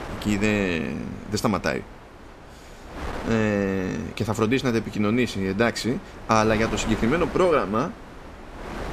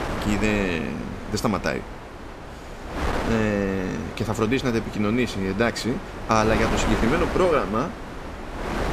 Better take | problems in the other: first | wind noise on the microphone; heavy; 6 dB below the speech; occasional gusts in the first

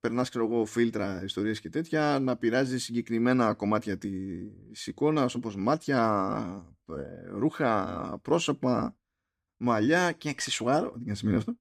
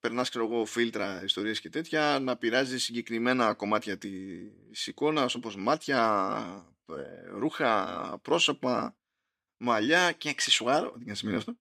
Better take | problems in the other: first | thin; very slightly; fading below 850 Hz

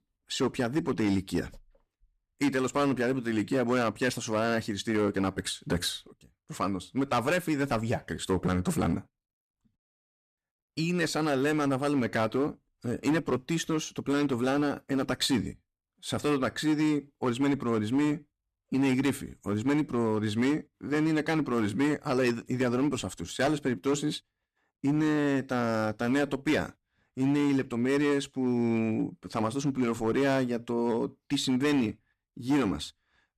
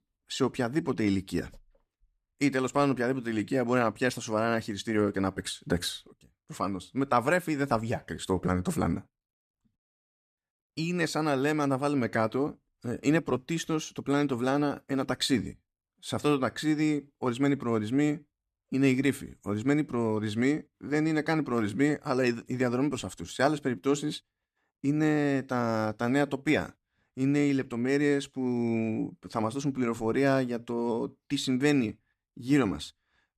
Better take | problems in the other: second | distortion; slight; 7% of the sound clipped

